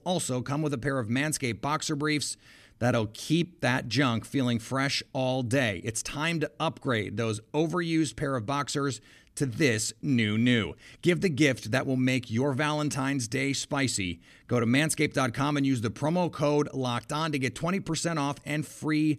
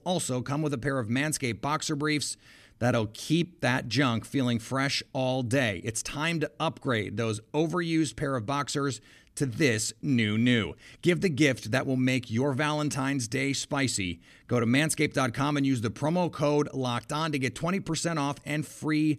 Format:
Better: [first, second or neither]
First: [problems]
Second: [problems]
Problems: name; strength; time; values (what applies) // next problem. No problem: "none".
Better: neither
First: none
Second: none